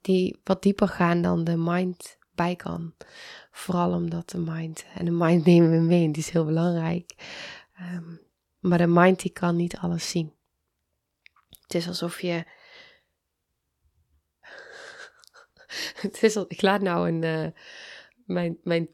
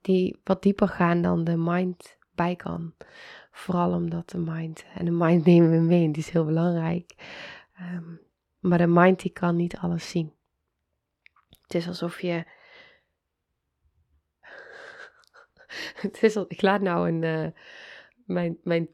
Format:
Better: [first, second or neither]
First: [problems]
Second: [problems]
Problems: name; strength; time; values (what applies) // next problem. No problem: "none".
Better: first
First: none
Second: muffled; very slightly; fading above 4 kHz